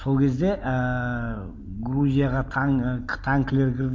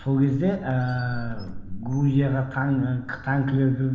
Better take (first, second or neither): first